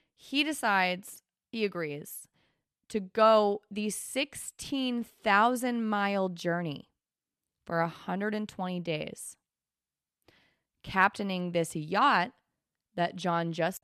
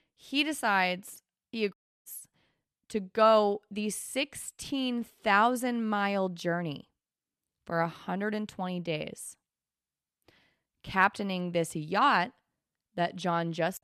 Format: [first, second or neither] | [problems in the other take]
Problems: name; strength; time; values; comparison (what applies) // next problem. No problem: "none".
first | audio cutting out; at 1.5 s